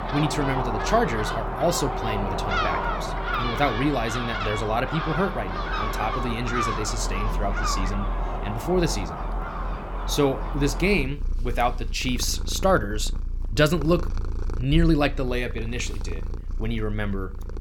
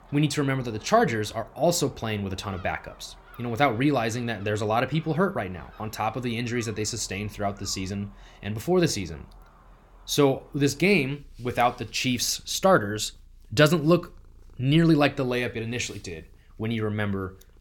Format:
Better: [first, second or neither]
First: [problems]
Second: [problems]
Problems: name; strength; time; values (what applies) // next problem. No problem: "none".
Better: second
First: animal sounds; loud; throughout; 4 dB below the speech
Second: animal sounds; faint; throughout; 25 dB below the speech